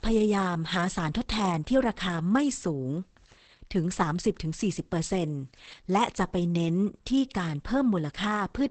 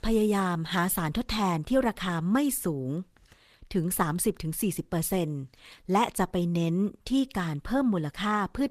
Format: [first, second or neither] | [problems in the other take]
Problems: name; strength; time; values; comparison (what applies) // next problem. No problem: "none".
second | garbled, watery; badly; nothing above 8 kHz; slightly in the second